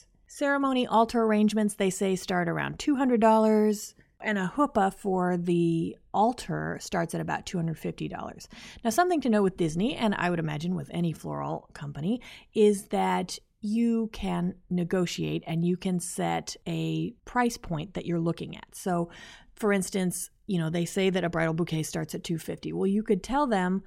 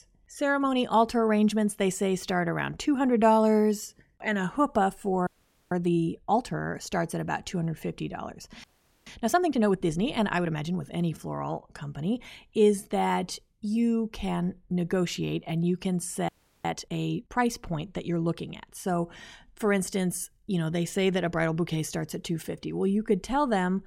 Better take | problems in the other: first | audio freezing; at 5.5 s, at 8.5 s and at 16 s

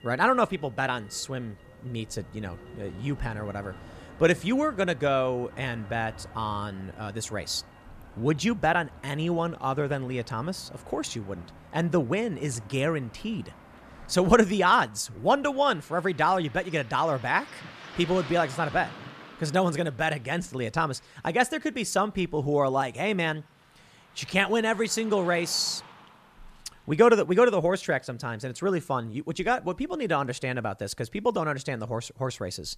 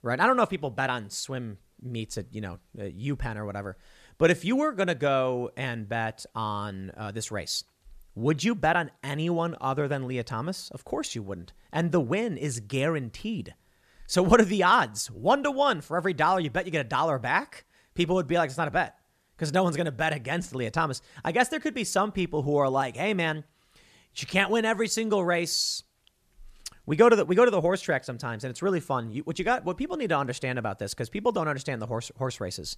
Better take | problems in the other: second | traffic noise; faint; throughout; 20 dB below the speech

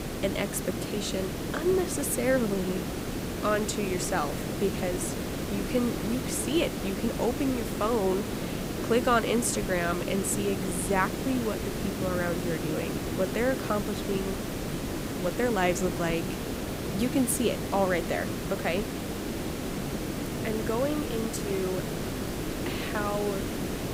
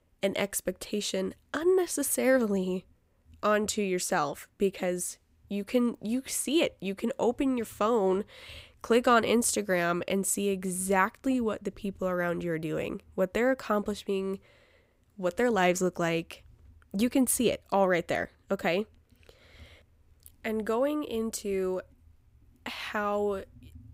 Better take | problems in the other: second | hiss; loud; throughout; 3 dB below the speech

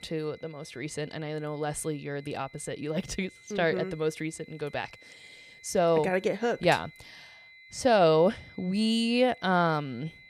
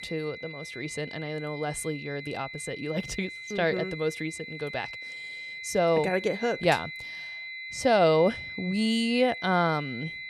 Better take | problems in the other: first | high-pitched whine; loud; throughout; 2 kHz, 10 dB below the speech; faint in the first

